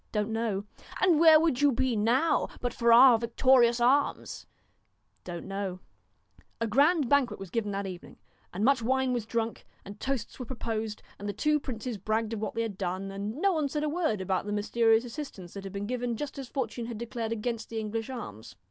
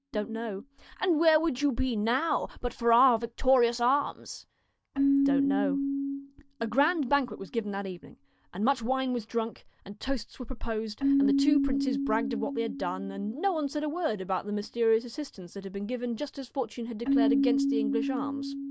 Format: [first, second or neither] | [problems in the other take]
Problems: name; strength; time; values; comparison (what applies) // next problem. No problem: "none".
first | noise reduction (neural mask model DeepFilterNet 3)